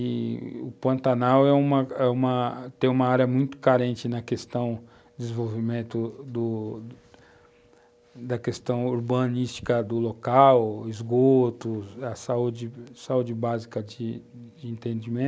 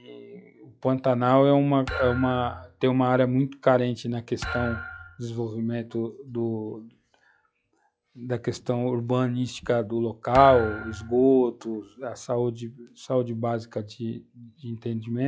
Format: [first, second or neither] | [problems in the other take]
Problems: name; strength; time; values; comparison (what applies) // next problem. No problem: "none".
first | noise reduction (classical method log-MMSE)